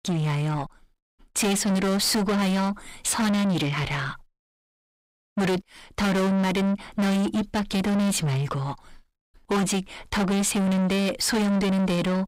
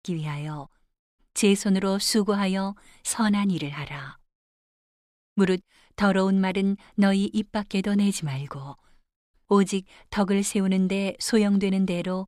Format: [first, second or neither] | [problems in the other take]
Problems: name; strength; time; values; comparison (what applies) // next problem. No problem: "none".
second | distortion; heavy; 6 dB below the speech